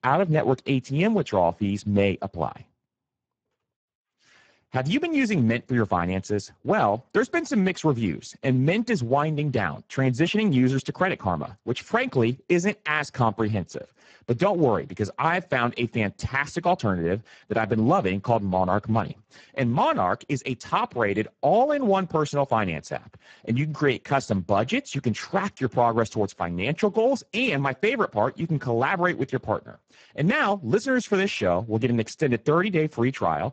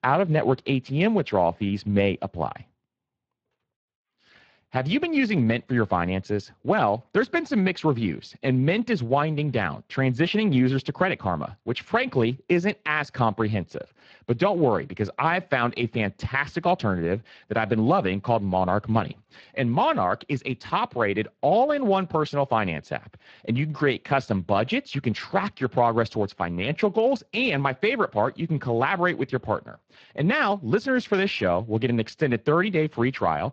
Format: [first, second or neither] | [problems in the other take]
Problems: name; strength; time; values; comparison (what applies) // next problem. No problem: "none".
second | garbled, watery; badly; nothing above 7.5 kHz; slightly in the second